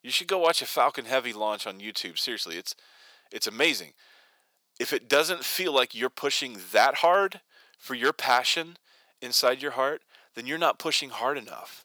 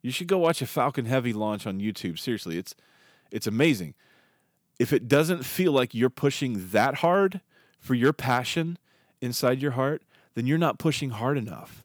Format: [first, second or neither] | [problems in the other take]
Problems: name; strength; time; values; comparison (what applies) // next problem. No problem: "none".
second | thin; very; fading below 650 Hz